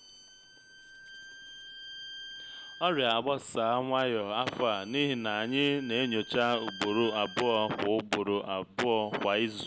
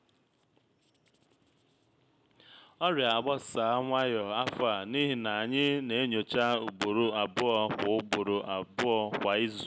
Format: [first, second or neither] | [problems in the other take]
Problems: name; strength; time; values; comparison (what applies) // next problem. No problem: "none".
second | background sound (Bowed string instrument); 18 dB below the speech